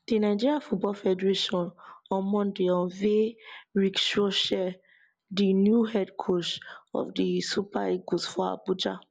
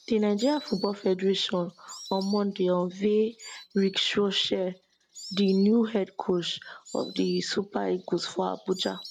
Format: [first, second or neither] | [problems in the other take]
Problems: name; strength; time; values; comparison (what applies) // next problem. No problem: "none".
first | noise reduction (neural mask model RNNoise)